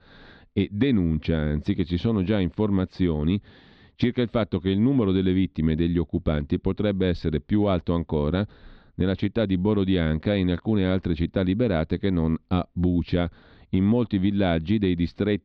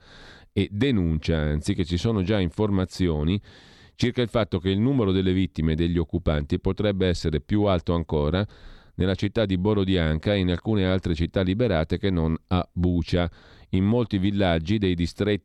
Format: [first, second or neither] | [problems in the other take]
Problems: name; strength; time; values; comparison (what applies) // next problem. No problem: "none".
second | muffled; very slightly; fading above 4 kHz